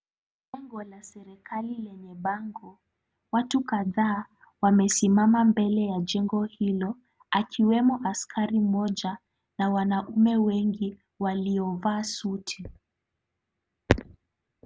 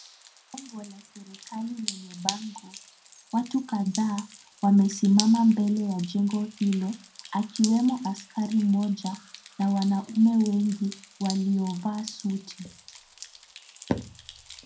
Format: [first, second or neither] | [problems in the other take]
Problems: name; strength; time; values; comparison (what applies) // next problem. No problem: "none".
first | background sound (Drip); 15 dB below the speech // room echo; dies away in 0.2 s